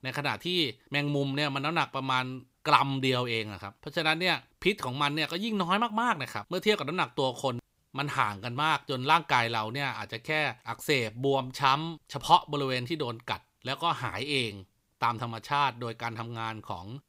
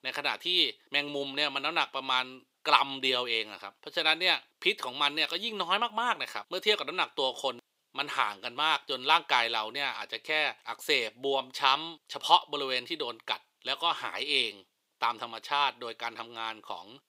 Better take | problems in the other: first | thin; somewhat; fading below 450 Hz

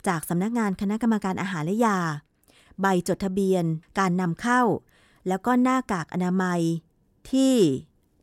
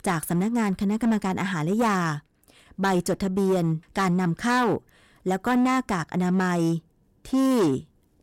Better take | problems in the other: first | distortion; slight; 10% of the sound clipped

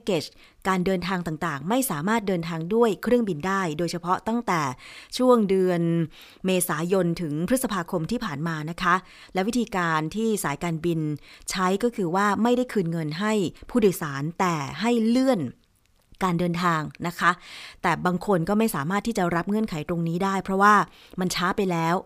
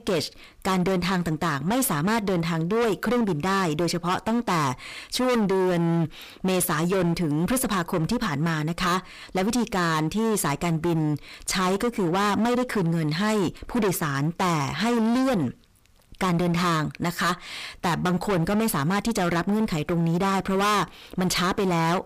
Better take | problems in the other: first | distortion; heavy; 27% of the sound clipped

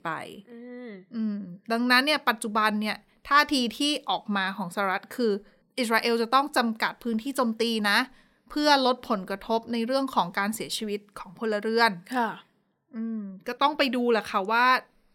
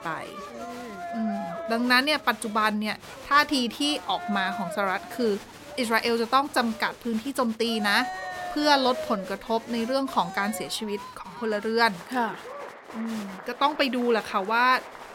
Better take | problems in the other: first | crowd noise; noticeable; throughout; 15 dB below the speech

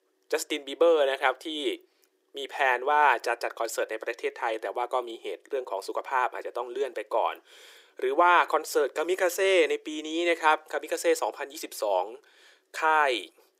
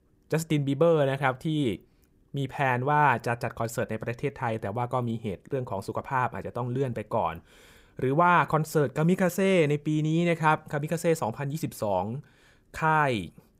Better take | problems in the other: second | thin; very; fading below 350 Hz

